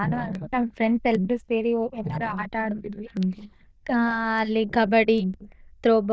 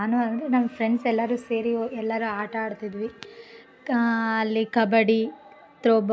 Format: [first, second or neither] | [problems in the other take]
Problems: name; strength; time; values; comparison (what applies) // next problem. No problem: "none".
second | noise reduction (neural diffusion model UNIVERSE++)